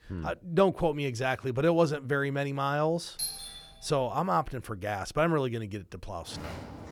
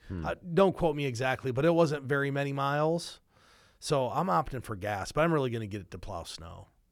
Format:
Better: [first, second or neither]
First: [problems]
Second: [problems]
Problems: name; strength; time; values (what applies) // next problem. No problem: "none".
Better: second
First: doorbell; noticeable; at 3 s; peak 4 dB below the speech // footsteps; faint; at 6.5 s; peak 10 dB below the speech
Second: none